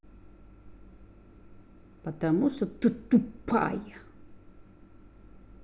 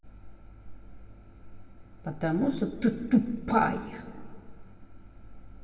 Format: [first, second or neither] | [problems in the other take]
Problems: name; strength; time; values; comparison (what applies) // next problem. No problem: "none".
first | room echo; dies away in 1.9 s